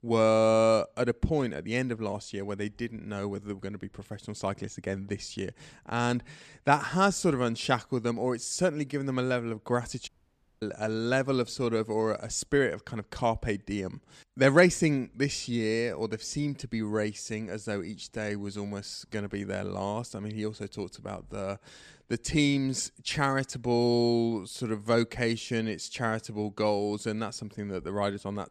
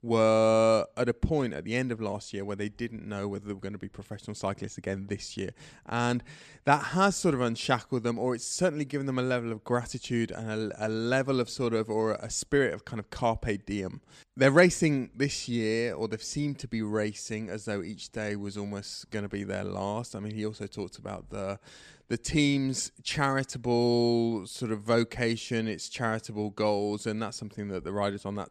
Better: second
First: audio cutting out; at 10 s for 0.5 s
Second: none

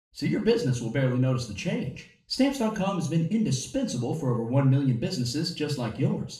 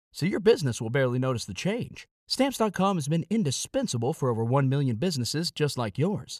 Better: second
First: room echo; slight; dies away in 0.4 s // off-mic speech; far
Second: none

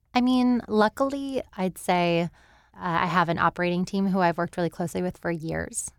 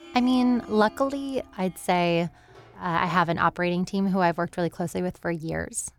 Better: first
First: none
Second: background music; faint; throughout; 20 dB below the speech

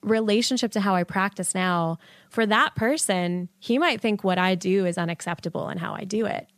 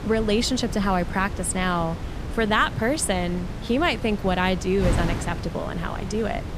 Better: first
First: none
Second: wind noise on the microphone; occasional gusts; 10 dB below the speech

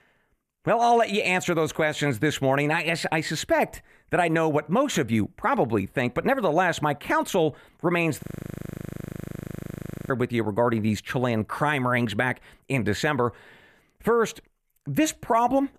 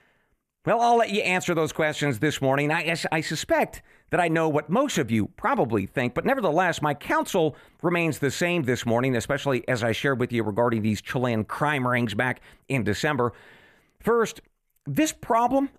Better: second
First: audio freezing; at 8 s for 2 s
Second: none

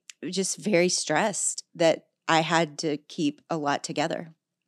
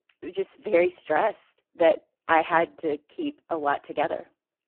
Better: first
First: none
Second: phone-call audio; poor line

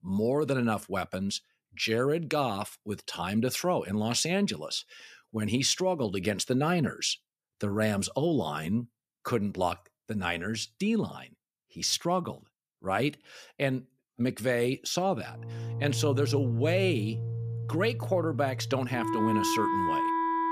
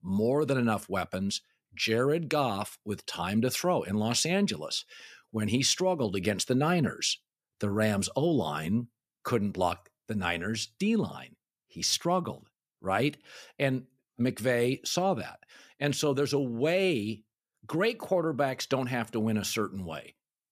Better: second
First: background music; loud; from 16 s on; 2 dB below the speech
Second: none

